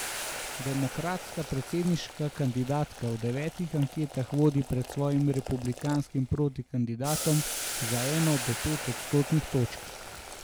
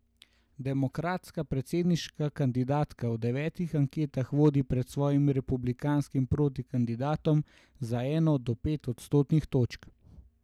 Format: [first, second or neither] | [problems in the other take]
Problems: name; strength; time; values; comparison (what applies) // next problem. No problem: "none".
second | background sound (Boiling); 9 dB below the speech